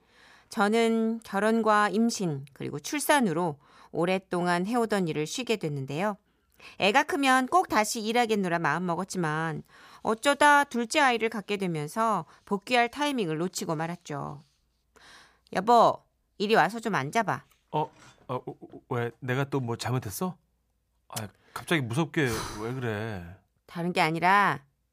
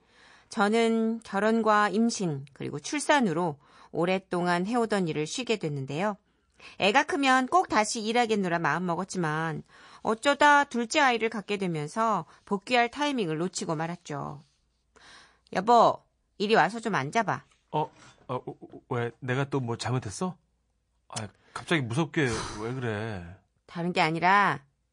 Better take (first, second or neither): first